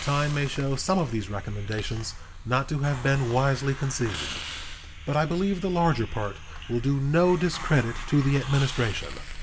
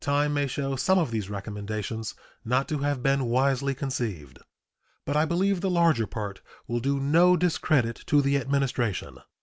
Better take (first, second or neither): second